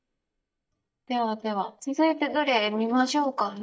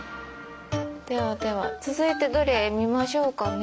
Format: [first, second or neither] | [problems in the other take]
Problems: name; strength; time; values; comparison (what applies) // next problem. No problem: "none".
second | noise reduction (neural mask model DeepFilterNet 3)